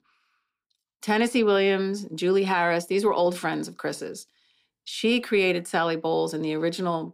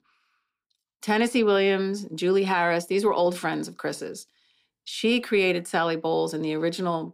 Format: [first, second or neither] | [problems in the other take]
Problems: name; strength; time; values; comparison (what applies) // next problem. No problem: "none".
neither | none